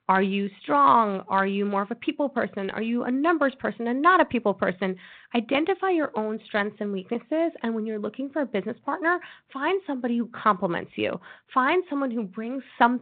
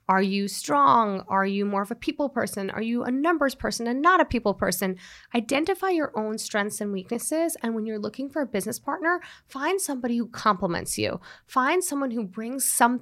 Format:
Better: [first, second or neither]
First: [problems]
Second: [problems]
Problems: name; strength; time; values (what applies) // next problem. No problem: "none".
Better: second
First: phone-call audio; nothing above 3.5 kHz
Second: none